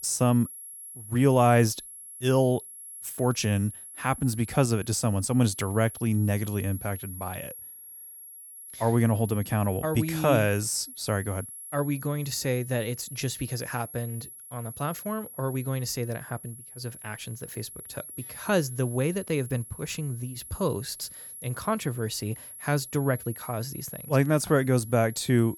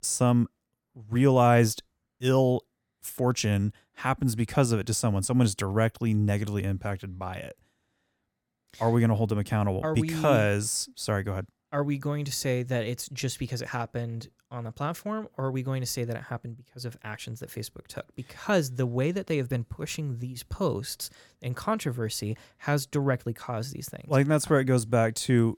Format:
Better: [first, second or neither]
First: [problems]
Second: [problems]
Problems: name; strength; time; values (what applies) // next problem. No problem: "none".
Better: second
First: high-pitched whine; noticeable; throughout; 11 kHz, 15 dB below the speech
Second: none